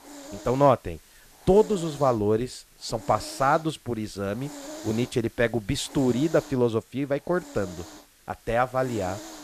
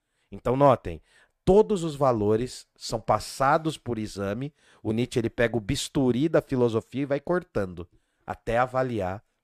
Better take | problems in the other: second | hiss; noticeable; throughout; 20 dB below the speech

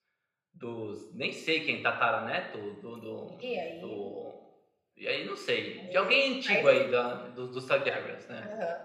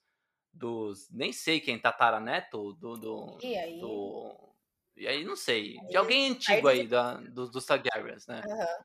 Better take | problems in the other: second | room echo; slight; dies away in 0.8 s

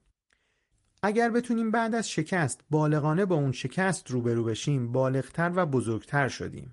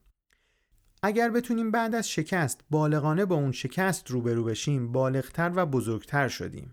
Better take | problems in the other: second | garbled, watery; slightly; nothing above 10.5 kHz

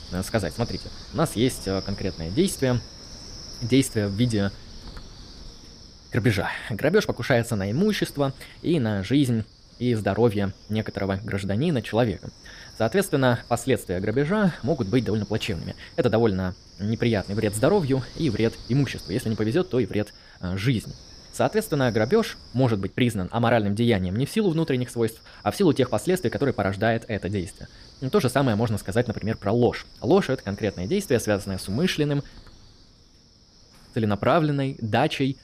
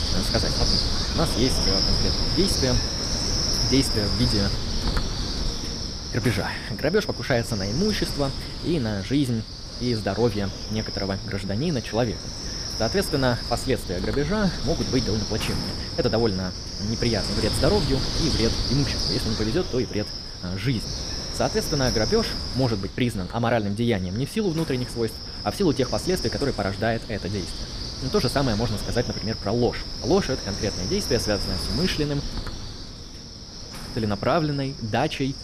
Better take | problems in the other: first | wind noise on the microphone; heavy; 1 dB below the speech; occasional gusts in the first

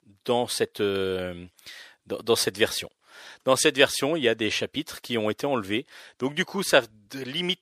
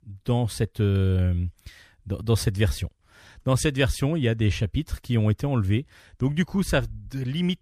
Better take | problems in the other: second | thin; very; fading below 450 Hz

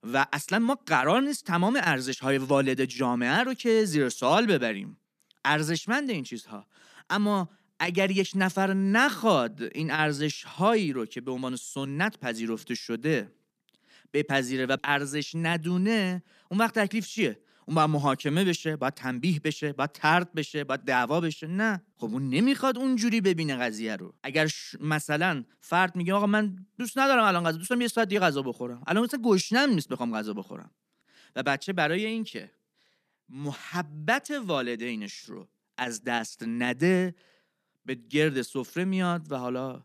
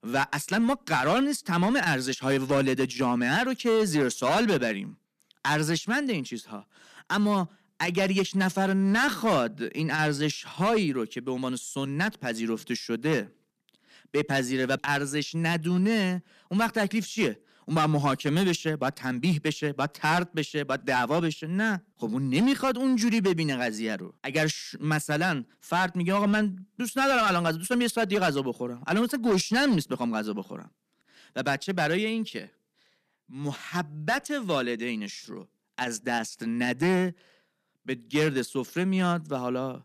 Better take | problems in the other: first | distortion; slight; 5% of the sound clipped

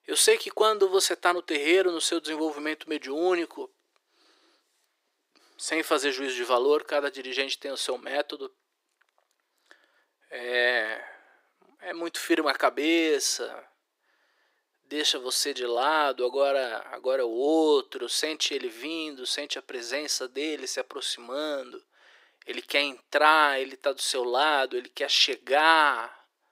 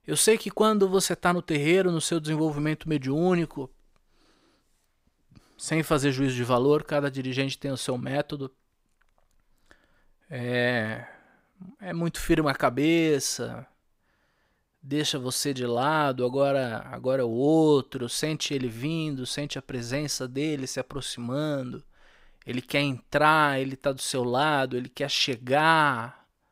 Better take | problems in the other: second | thin; very; fading below 350 Hz

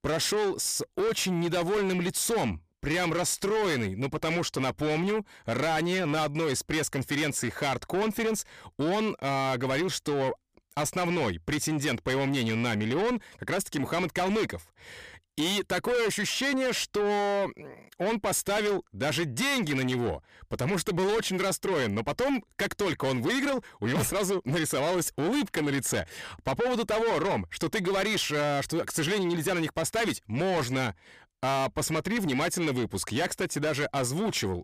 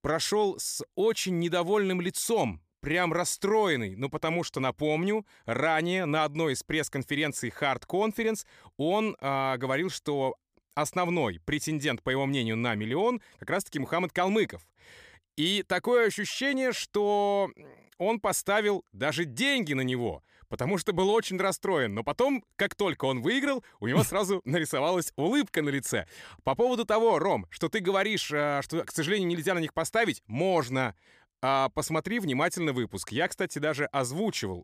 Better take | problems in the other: second | distortion; heavy; 7 dB below the speech

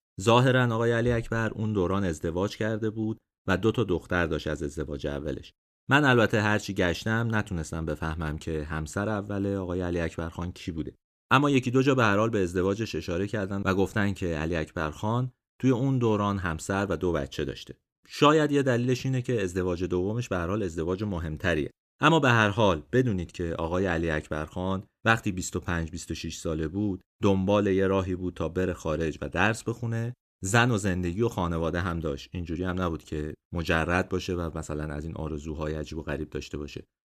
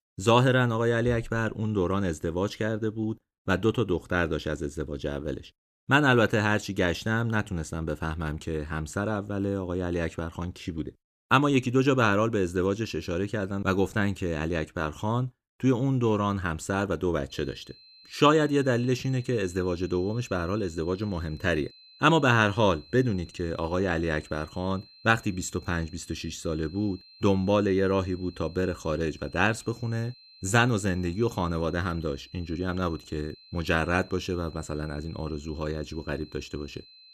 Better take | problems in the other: first | high-pitched whine; faint; from 17 s on; 4 kHz, 25 dB below the speech

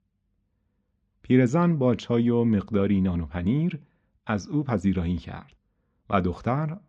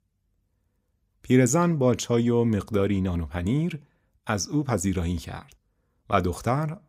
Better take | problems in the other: second | muffled; slightly; fading above 4 kHz

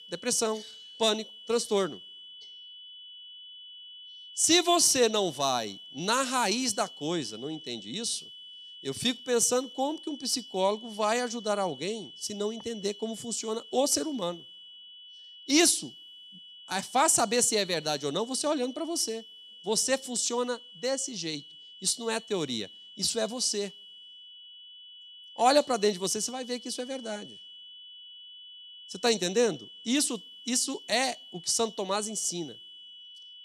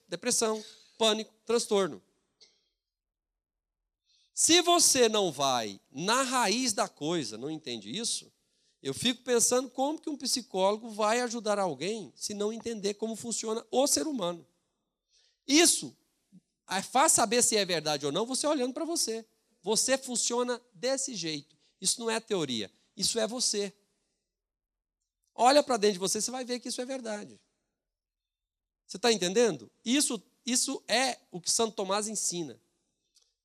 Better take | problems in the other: second | high-pitched whine; noticeable; throughout; 3 kHz, 15 dB below the speech

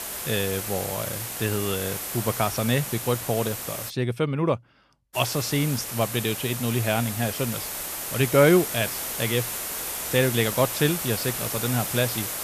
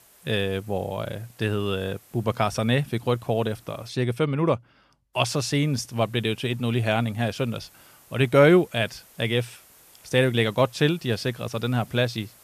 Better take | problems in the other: second | hiss; loud; until 4 s and from 5 s on; 4 dB below the speech; faint in the second

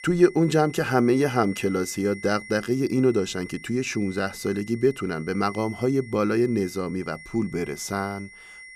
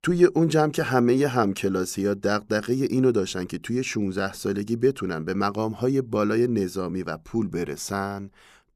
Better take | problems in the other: second | high-pitched whine; noticeable; throughout; 2 kHz, 15 dB below the speech

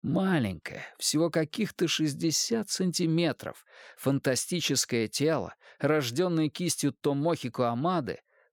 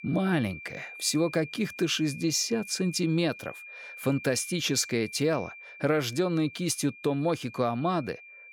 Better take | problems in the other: first | high-pitched whine; noticeable; throughout; 2.5 kHz, 15 dB below the speech

